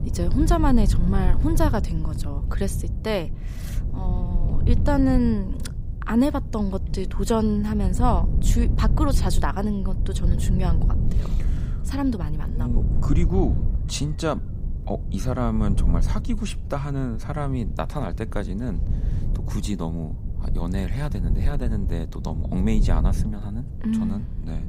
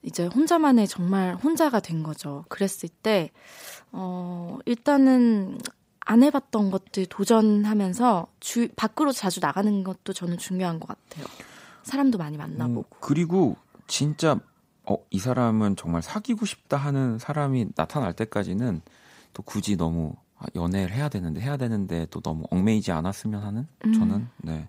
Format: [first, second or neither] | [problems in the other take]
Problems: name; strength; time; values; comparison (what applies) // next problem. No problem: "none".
second | low rumble; noticeable; throughout; 10 dB below the speech